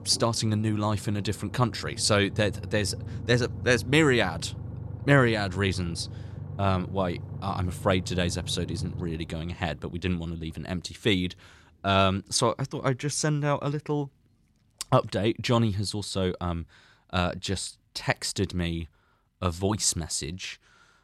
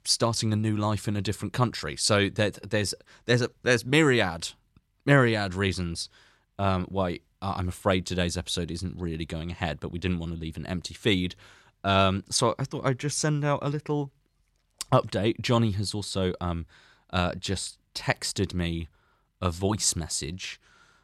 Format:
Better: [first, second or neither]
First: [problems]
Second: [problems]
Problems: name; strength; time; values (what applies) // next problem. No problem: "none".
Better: second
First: low rumble; faint; throughout; 20 dB below the speech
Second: none